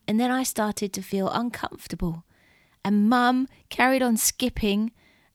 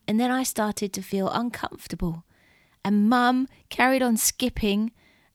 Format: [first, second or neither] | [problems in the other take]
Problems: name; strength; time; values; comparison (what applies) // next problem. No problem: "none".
neither | none